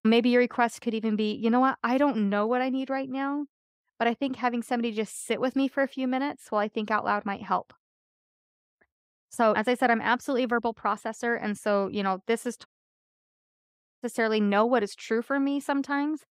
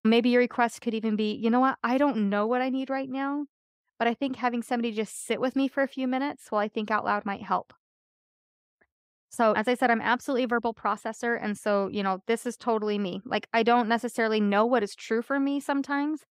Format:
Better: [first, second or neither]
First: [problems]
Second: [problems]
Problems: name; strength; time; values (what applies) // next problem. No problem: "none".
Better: second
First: audio cutting out; at 13 s for 1.5 s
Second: none